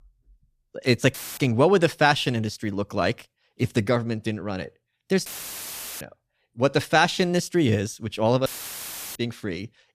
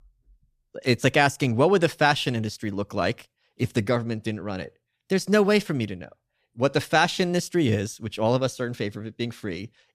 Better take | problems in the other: second | audio cutting out; filled with static; at 1 s, at 5.5 s for 1 s and at 8.5 s for 0.5 s

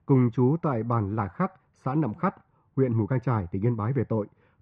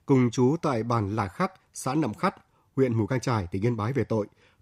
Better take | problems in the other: second | muffled; very; fading above 1.5 kHz

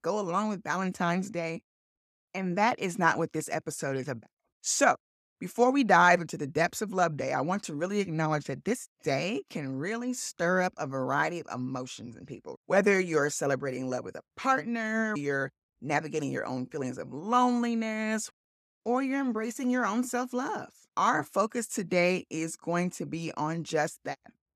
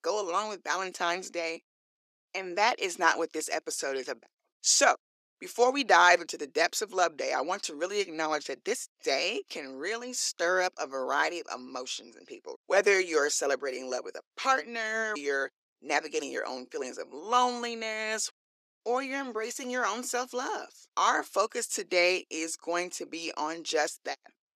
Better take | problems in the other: first | thin; somewhat; fading below 350 Hz

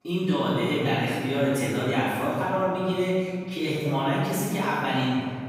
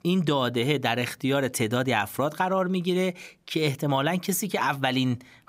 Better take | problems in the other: second | off-mic speech; far // room echo; strong; dies away in 2.1 s

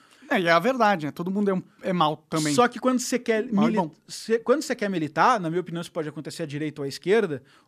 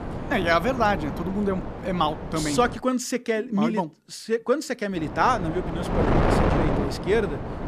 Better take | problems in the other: first | wind noise on the microphone; heavy; until 3 s and from 5 s on; 5 dB below the speech

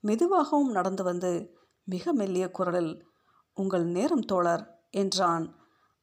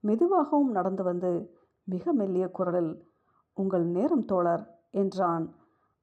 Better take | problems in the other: first | muffled; very; fading above 2 kHz

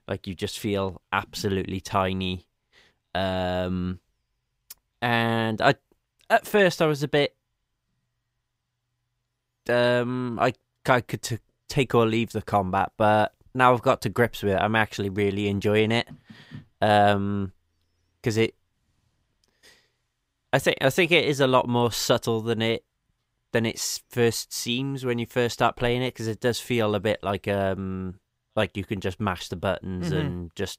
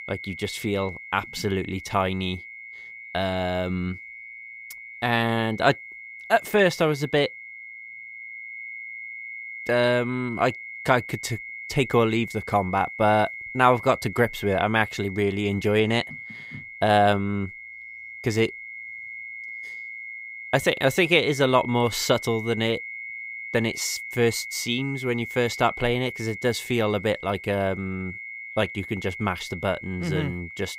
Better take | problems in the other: first | high-pitched whine; noticeable; throughout; 2 kHz, 10 dB below the speech

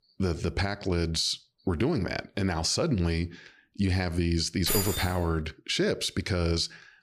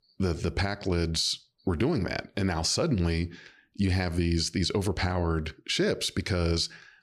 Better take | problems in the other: second | jangling keys; loud; at 4.5 s; peak level with the speech

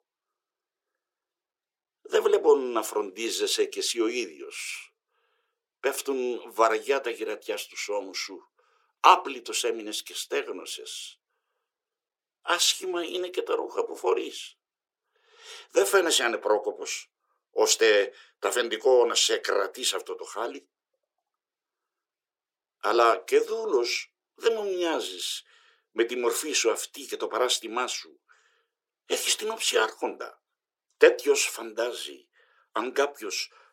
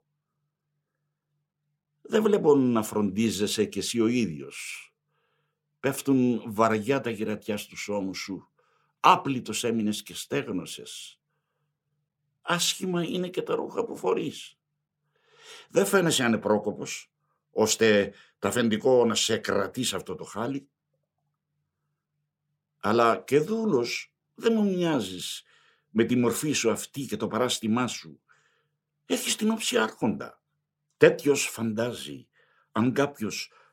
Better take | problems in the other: second | thin; very; fading below 350 Hz

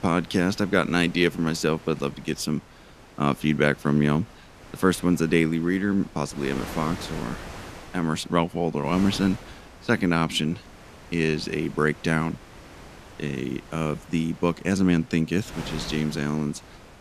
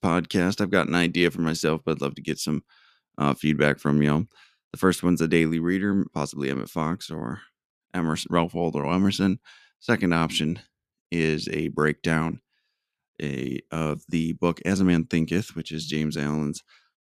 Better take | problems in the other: second | wind noise on the microphone; occasional gusts; 15 dB below the speech

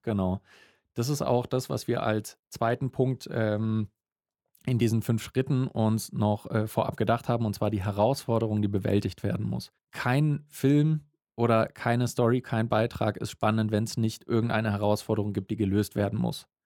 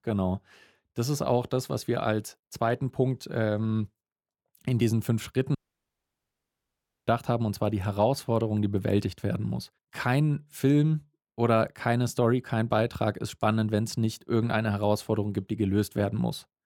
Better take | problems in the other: first | audio cutting out; at 5.5 s for 1.5 s

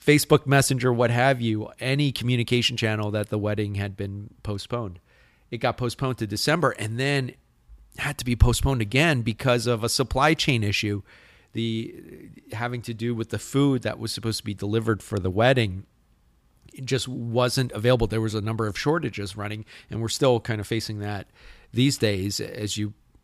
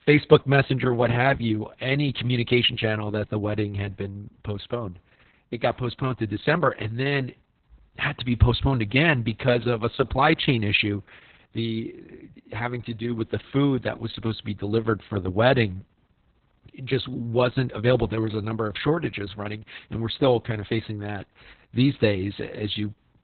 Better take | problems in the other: first | garbled, watery; badly; nothing above 4 kHz

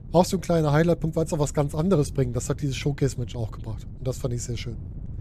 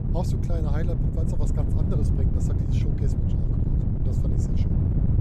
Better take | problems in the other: first | wind noise on the microphone; heavy; 3 dB above the speech; occasional gusts in the first

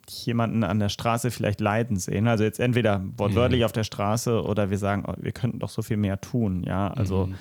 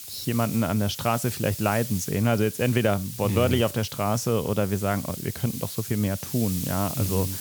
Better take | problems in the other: first | hiss; loud; throughout; 9 dB below the speech

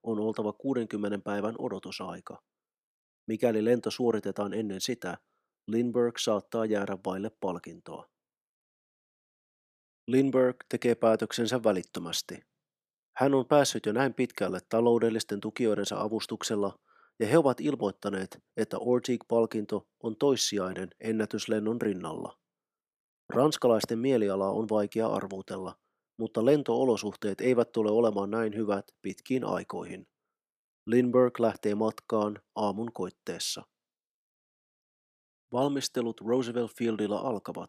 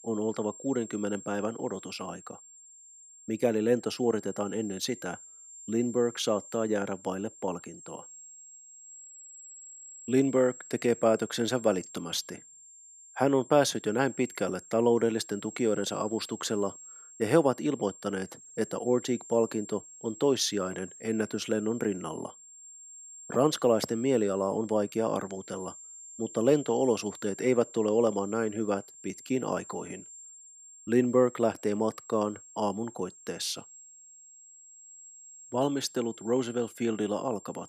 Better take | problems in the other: first | high-pitched whine; noticeable; throughout; 7.5 kHz, 15 dB below the speech

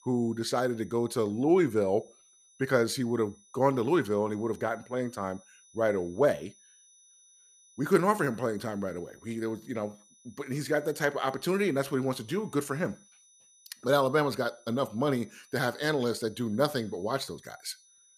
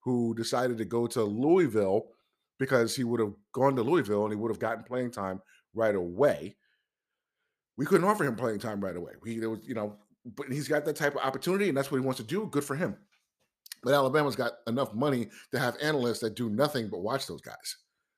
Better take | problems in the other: second | high-pitched whine; faint; throughout; 6 kHz, 30 dB below the speech

